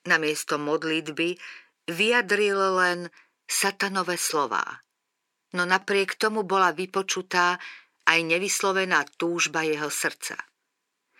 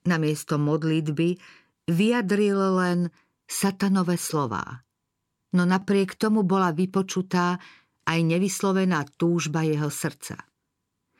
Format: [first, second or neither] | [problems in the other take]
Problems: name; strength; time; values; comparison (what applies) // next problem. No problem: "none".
second | thin; very; fading below 450 Hz